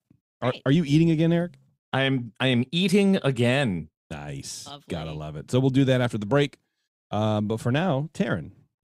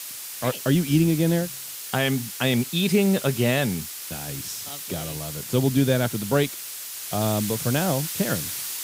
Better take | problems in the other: first | hiss; loud; throughout; 7 dB below the speech

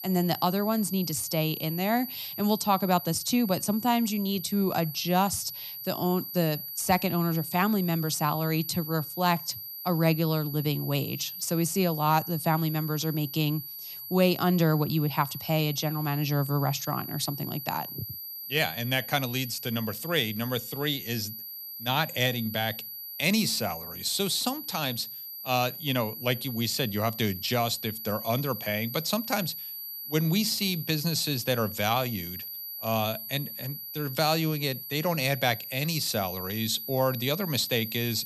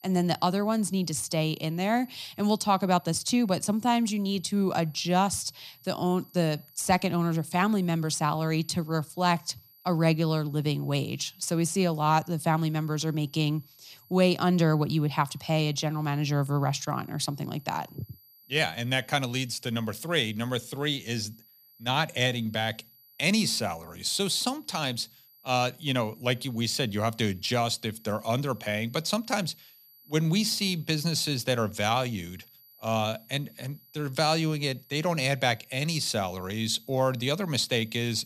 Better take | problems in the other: second | high-pitched whine; loud; throughout; 12 kHz, 8 dB below the speech; faint in the second

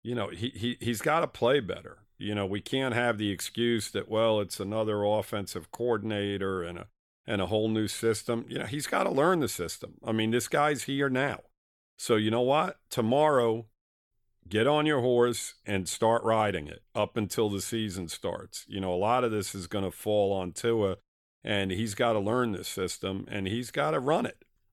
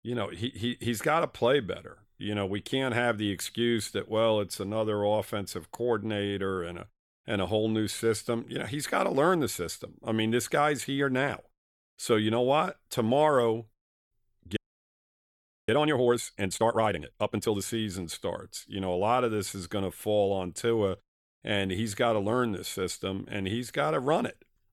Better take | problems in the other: first | audio freezing; at 15 s for 1 s

